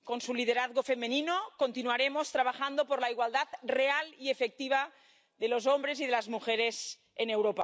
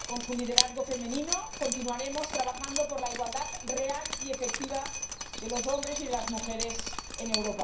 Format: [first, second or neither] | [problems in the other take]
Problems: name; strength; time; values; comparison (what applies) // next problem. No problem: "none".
first | background sound (Drip); 1 dB below the speech // room echo; dies away in 0.5 s